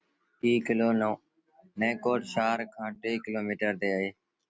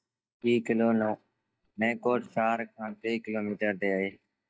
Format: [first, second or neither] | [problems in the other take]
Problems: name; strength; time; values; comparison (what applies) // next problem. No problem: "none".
first | noise reduction (neural mask model DeepFilterNet 3)